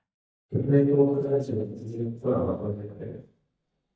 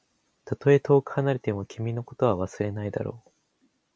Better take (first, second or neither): second